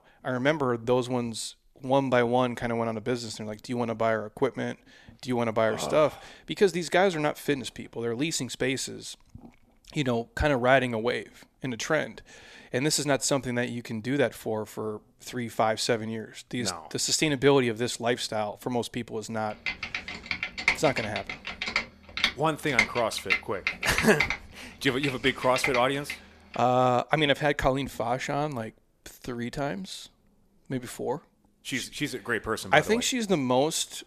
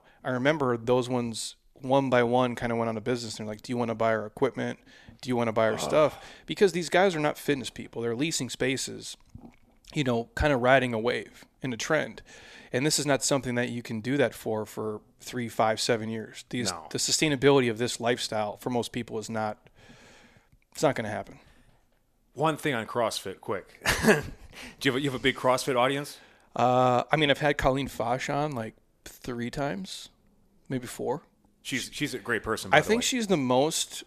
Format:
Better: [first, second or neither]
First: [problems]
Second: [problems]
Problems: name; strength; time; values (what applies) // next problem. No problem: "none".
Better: second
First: keyboard typing; loud; from 20 to 26 s; peak 2 dB above the speech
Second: none